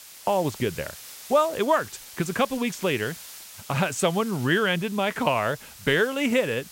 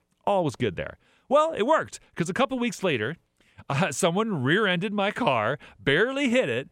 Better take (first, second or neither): second